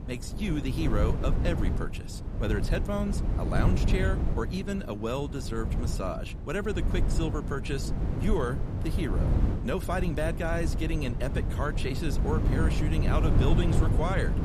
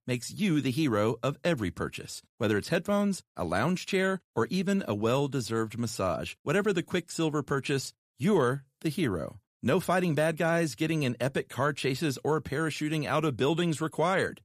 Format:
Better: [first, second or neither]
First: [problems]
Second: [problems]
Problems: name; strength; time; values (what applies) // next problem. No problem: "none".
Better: second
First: wind noise on the microphone; heavy; 6 dB below the speech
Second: none